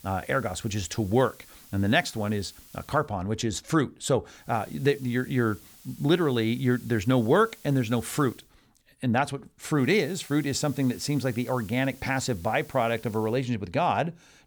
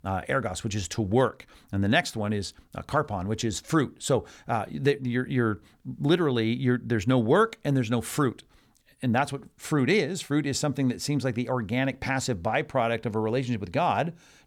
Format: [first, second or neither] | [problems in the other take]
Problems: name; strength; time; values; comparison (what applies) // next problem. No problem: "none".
second | hiss; faint; until 3 s, from 4.5 to 8.5 s and from 10 to 13 s; 20 dB below the speech